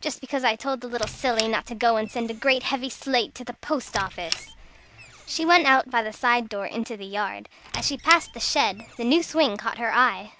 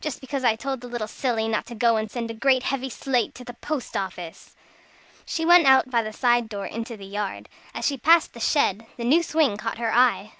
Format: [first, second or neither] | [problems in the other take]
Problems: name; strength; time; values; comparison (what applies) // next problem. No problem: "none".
second | background sound (Squeak); 14 dB below the speech